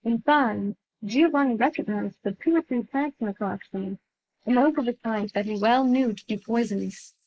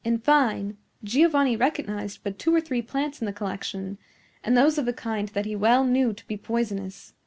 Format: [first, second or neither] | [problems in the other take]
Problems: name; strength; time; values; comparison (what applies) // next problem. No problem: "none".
second | noise reduction (neural mask model Resemble Enhance denoiser)